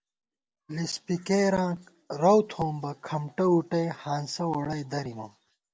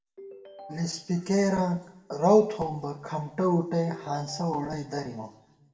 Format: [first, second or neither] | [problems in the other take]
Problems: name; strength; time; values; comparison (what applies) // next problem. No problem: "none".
first | background sound (Ringtone); 20 dB below the speech // room echo; dies away in 0.6 s